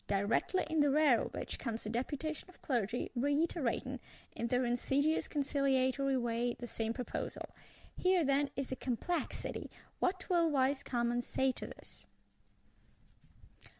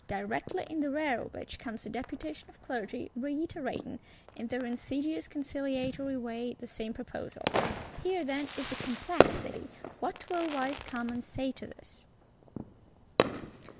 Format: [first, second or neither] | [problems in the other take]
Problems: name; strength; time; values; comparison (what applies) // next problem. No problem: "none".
first | background sound (Fireworks); 2 dB below the speech